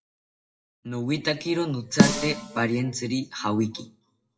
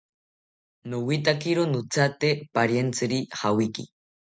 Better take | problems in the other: second | noise reduction (classical method WPE with log-MMSE)

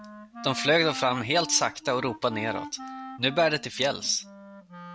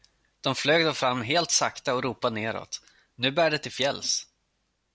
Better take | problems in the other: second | background sound (Wind instrument, woodwind instrument); 13 dB below the speech

